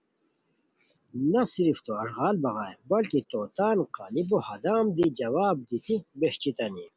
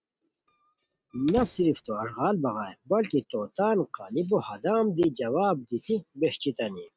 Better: first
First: none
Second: noise reduction (neural mask model RNNoise)

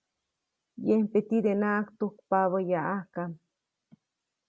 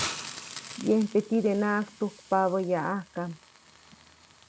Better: first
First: none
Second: background sound (Hiss); 13 dB below the speech

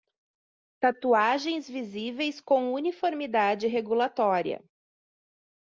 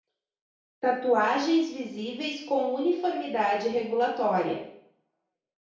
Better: first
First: none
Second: room echo; dies away in 0.6 s

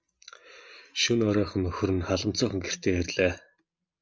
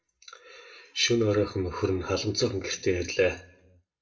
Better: first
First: none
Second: room echo; dies away in 0.3 s

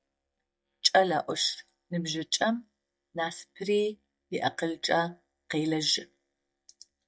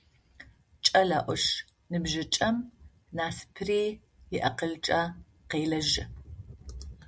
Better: second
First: noise reduction (neural mask model DeepFilterNet 3)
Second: none

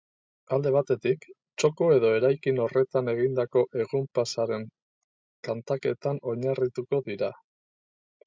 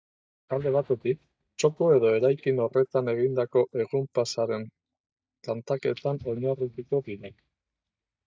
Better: first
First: none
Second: noise reduction (neural mask model DeepFilterNet 3)

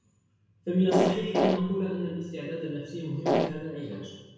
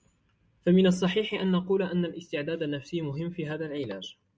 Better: second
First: background sound (Fart); 4 dB above the speech // room echo; dies away in 1 s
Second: none

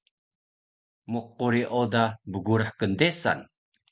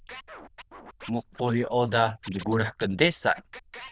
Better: first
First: none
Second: noise reduction (neural diffusion model UNIVERSE++)

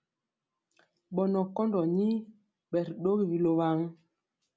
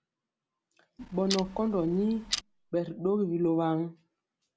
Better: first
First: none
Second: background sound (Clock); 10 dB below the speech

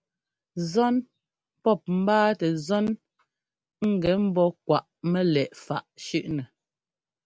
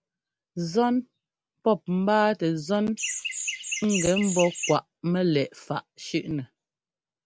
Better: first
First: none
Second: background sound (Chirp, tweet); 5 dB below the speech

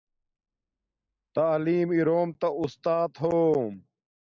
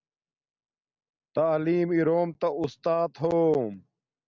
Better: second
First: noise reduction (neural mask model Resemble Enhance denoiser)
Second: none

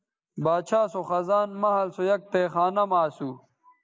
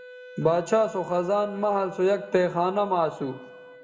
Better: first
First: none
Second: background sound (Wind instrument, woodwind instrument); 19 dB below the speech // room echo; dies away in 0.9 s

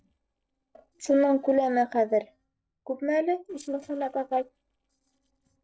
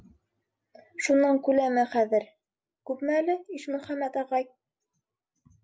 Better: second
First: noise reduction (neural separator model SepFormer DNS4)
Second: none

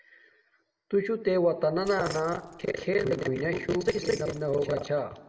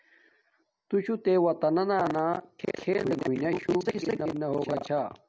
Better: second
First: background sound (Keys jangling); 19 dB below the speech // room echo; dies away in 0.8 s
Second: none

